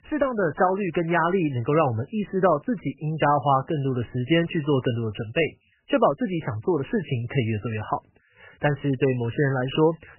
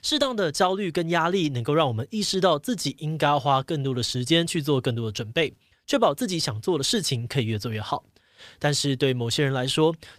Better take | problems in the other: second | garbled, watery; badly; nothing above 3 kHz

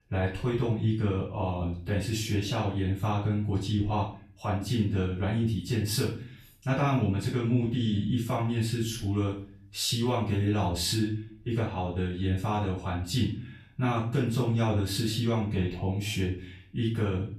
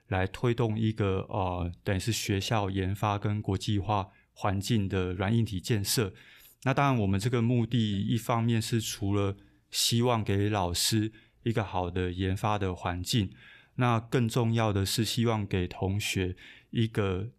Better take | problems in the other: second | off-mic speech; far // room echo; noticeable; dies away in 0.4 s

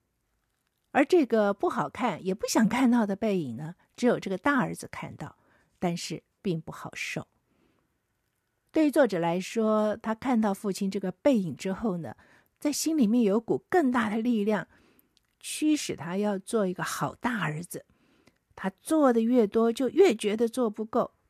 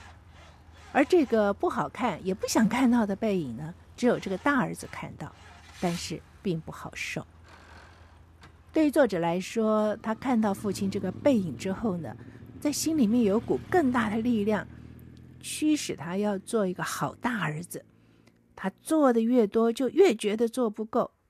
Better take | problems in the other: first | traffic noise; faint; throughout; 20 dB below the speech

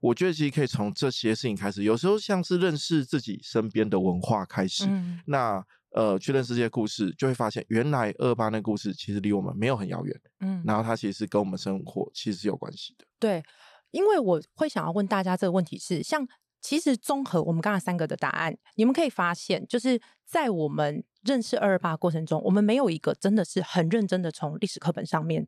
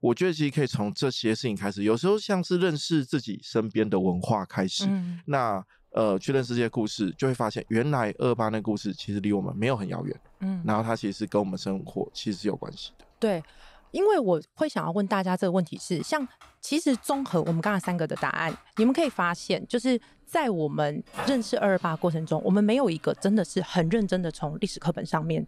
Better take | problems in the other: first | household noises; noticeable; from 6 s on; 20 dB below the speech

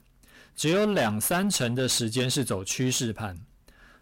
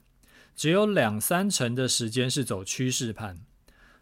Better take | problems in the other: second | distortion; slight; 12% of the sound clipped

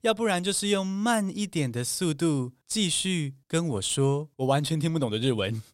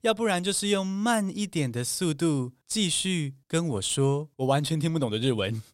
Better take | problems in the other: neither | none

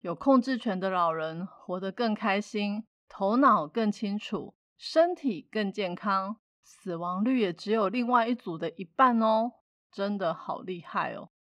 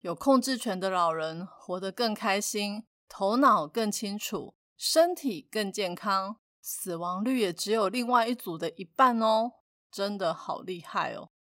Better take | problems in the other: second | muffled; slightly; fading above 2.5 kHz

